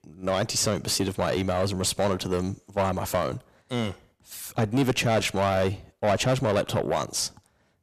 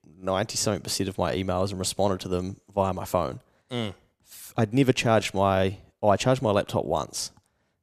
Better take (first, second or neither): second